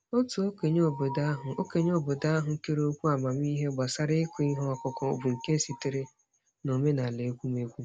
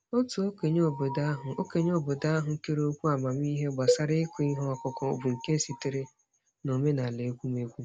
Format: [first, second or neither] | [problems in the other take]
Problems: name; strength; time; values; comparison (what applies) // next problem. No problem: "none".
first | background sound (Cowbell); 4 dB below the speech